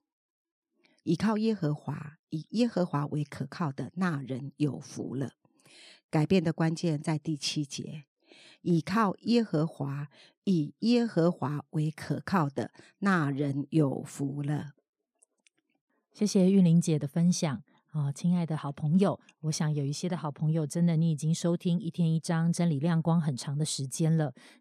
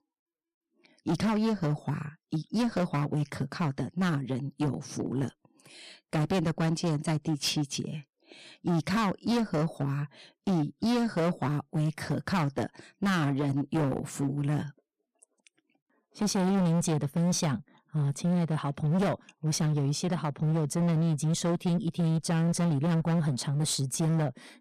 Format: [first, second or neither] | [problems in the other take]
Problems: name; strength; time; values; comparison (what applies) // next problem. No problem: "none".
first | distortion; heavy; 20% of the sound clipped